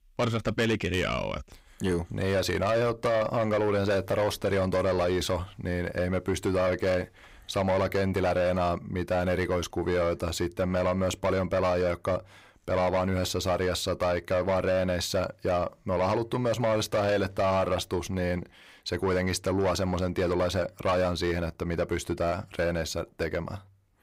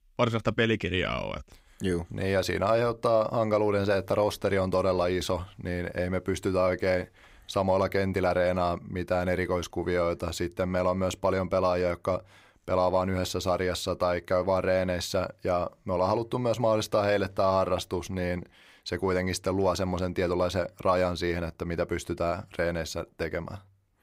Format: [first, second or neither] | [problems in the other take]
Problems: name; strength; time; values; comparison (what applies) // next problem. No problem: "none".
second | distortion; slight; 10 dB below the speech